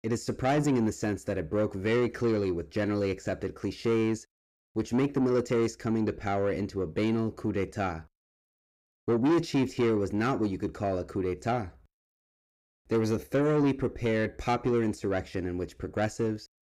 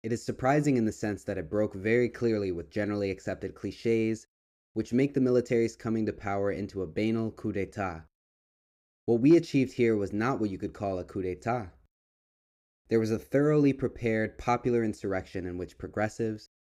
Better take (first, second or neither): second